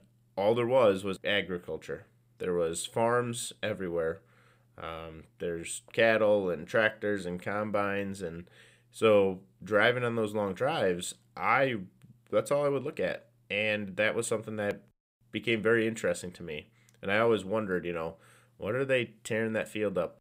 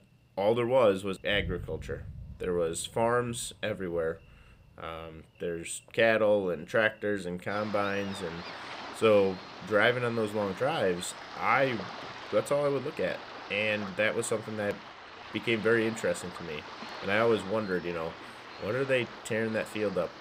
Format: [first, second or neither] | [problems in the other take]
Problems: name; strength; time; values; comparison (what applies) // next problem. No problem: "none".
first | rain or running water; noticeable; throughout; 15 dB below the speech